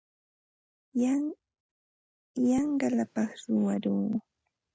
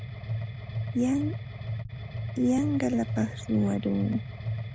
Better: first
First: none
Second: background sound (Mechanisms); 4 dB below the speech

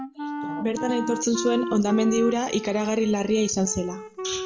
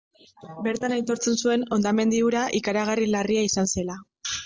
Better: second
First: background sound (Wind instrument, woodwind instrument); 9 dB below the speech // room echo; dies away in 0.4 s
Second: none

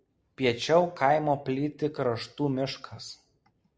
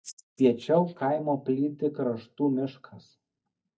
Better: first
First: none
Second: noise reduction (neural mask model DeepFilterNet 3)

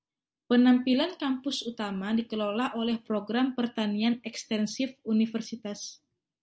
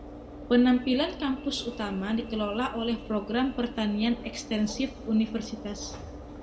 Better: first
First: none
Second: background sound (Alarm / Engine / Train); 13 dB below the speech // room echo; dies away in 1.6 s

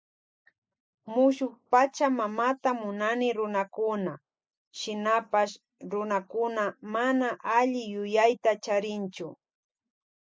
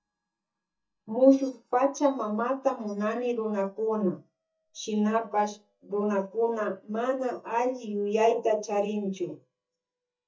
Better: first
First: none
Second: noise reduction (neural mask model DeepFilterNet 3)

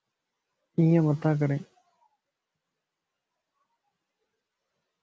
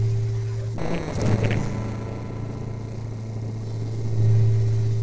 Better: first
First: none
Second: noise reduction (neural separator model SepFormer DNS4)

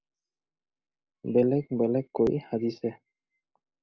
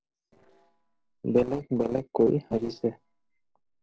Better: first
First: none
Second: noise reduction (neural separator model SepFormer DNS4)

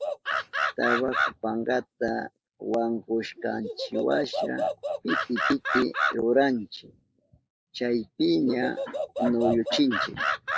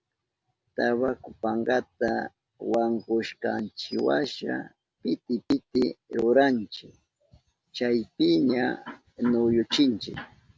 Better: second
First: noise reduction (neural mask model Resemble Enhance denoiser)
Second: none

